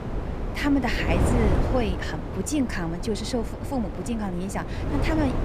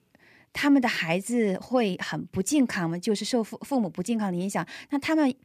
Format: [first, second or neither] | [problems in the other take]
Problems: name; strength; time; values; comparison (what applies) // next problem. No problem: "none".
second | wind noise on the microphone; heavy; 4 dB below the speech